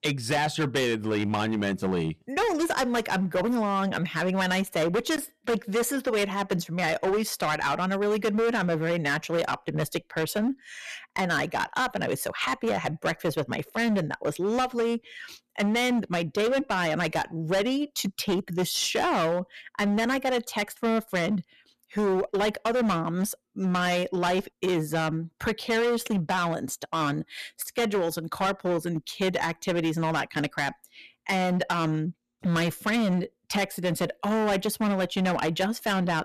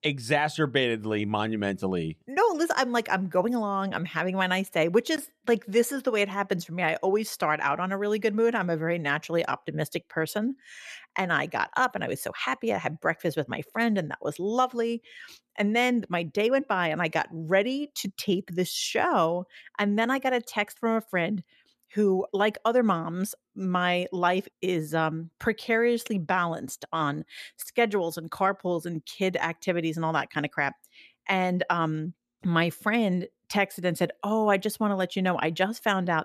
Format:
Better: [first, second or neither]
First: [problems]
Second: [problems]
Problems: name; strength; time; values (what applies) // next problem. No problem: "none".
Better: second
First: distortion; heavy; 16% of the sound clipped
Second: none